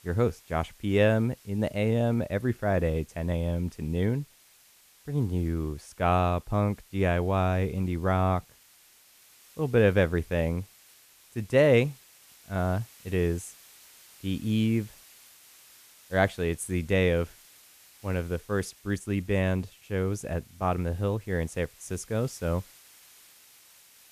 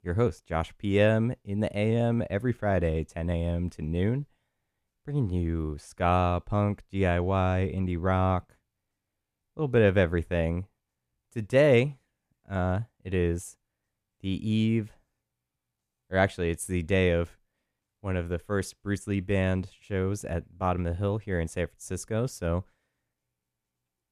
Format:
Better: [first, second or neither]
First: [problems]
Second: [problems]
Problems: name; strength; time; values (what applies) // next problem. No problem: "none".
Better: second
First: hiss; faint; throughout; 25 dB below the speech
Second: none